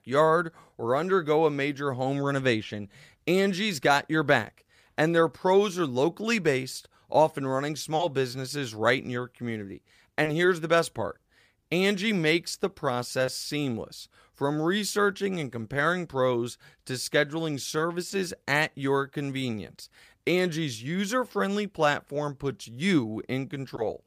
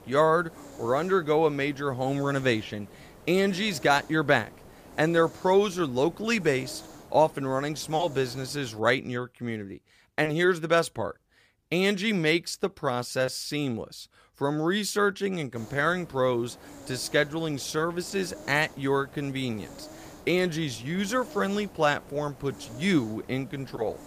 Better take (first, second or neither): first